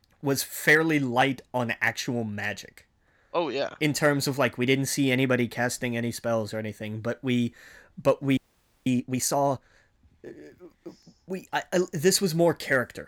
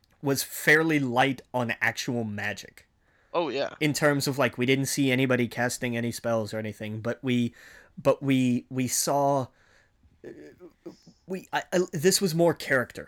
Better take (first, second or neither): second